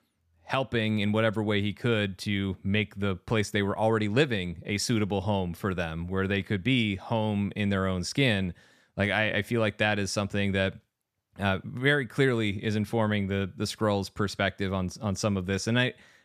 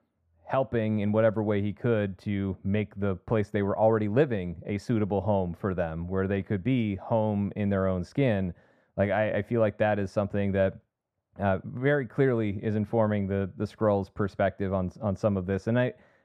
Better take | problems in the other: first | muffled; very; fading above 2.5 kHz

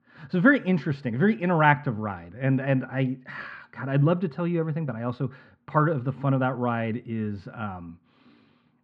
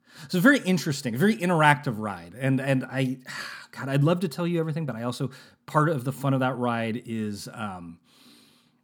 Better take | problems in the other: second | muffled; very; fading above 2.5 kHz

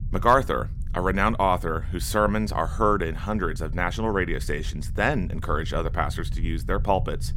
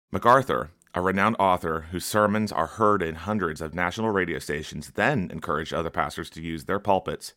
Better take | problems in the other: second | low rumble; faint; throughout; 25 dB below the speech

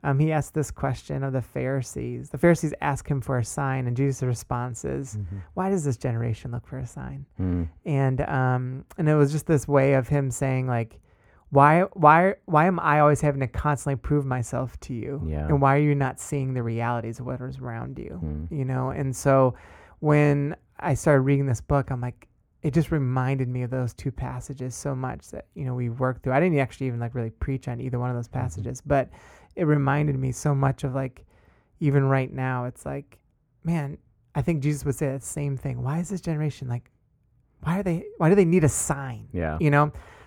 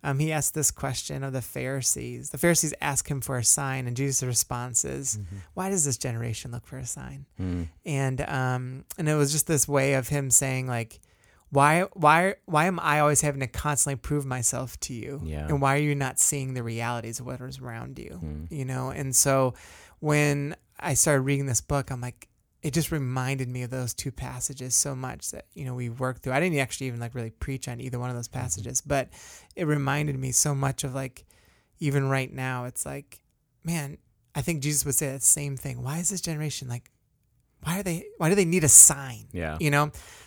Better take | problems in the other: second | muffled; very; fading above 2.5 kHz

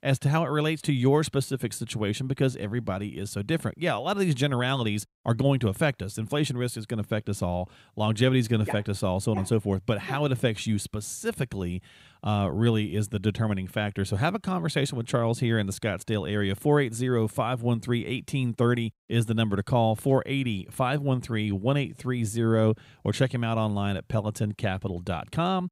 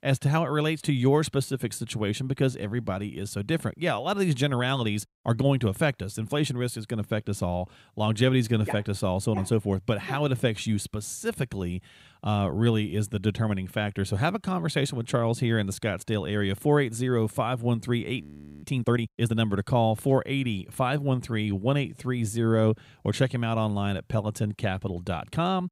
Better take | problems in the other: first | audio freezing; at 18 s

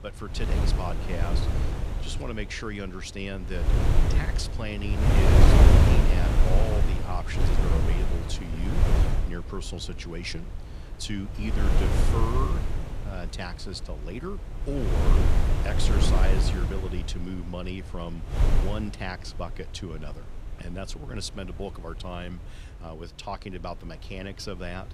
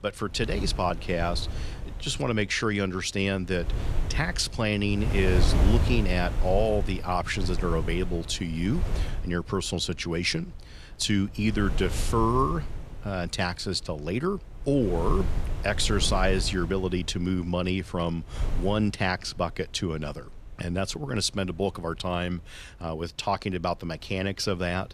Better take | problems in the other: second | wind noise on the microphone; heavy; 3 dB above the speech; occasional gusts in the second

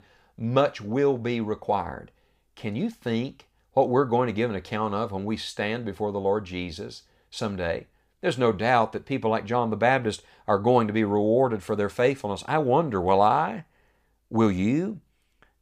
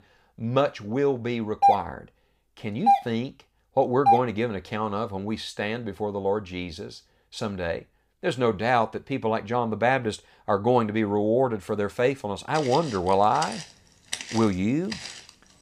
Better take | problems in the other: first | doorbell; loud; from 1.5 to 4 s; peak 5 dB above the speech // footsteps; noticeable; from 13 s on; peak 6 dB below the speech

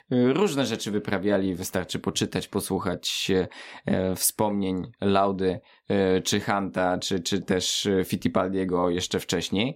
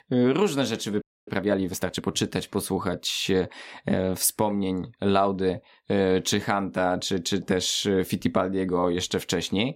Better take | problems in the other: first | audio freezing; at 1 s

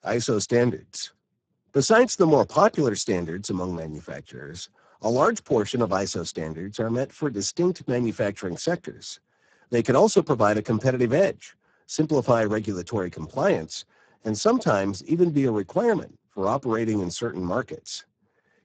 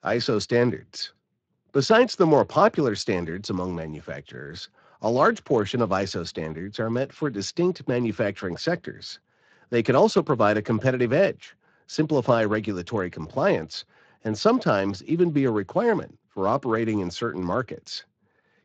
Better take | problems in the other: second | garbled, watery; badly; nothing above 7.5 kHz; slightly in the second

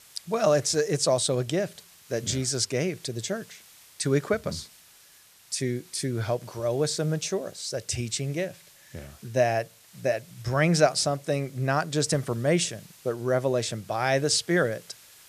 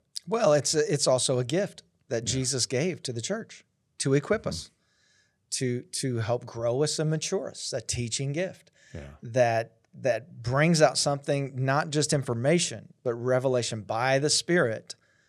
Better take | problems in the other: second | hiss; faint; throughout; 25 dB below the speech

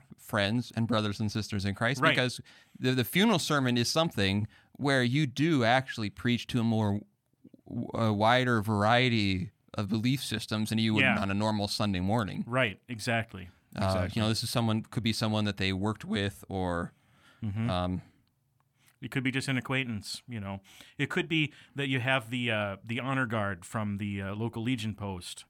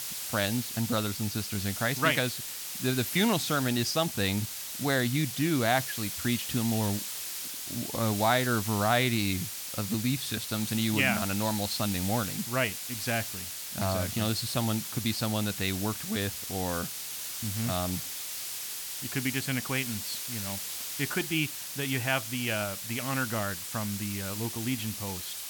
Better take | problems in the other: first | hiss; loud; throughout; 4 dB below the speech

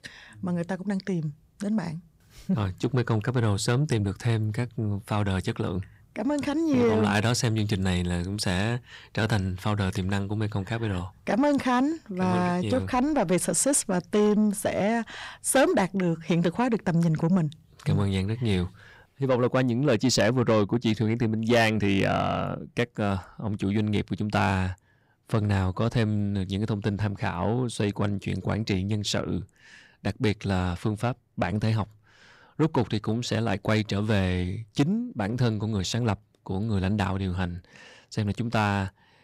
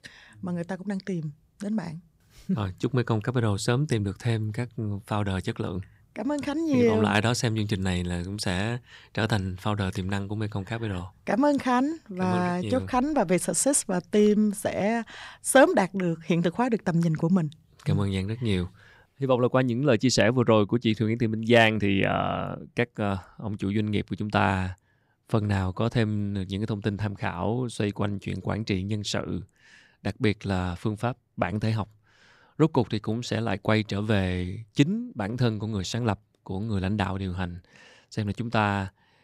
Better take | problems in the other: second | distortion; slight; 10 dB below the speech

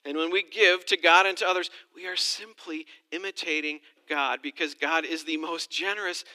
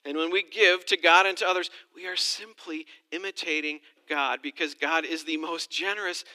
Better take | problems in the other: neither | thin; somewhat; fading below 300 Hz; the same in both

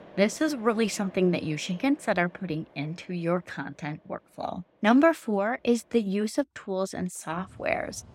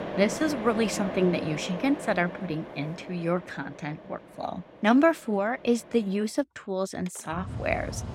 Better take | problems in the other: first | machinery noise; loud; throughout; 10 dB below the speech; faint in the first

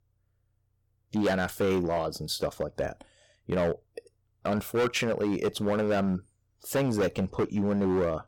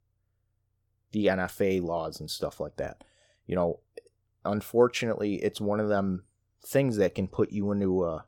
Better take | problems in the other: second | distortion; heavy; 10% of the sound clipped

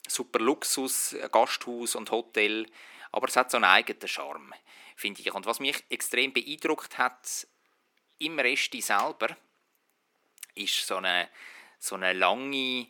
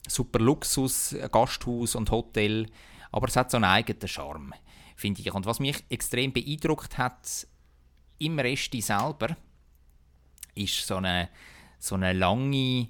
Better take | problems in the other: second | thin; somewhat; fading below 300 Hz

